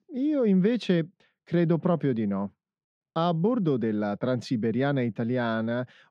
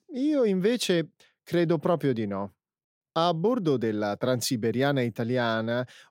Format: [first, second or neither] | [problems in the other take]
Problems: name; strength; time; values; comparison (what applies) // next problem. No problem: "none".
second | muffled; slightly; fading above 3 kHz